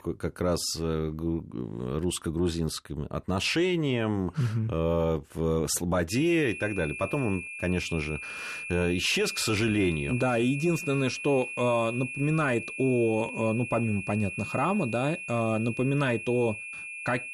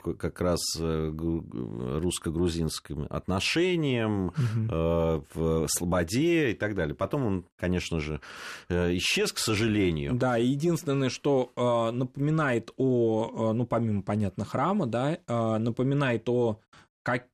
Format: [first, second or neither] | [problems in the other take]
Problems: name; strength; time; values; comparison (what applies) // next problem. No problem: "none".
second | high-pitched whine; loud; from 6 s on; 2.5 kHz, 8 dB below the speech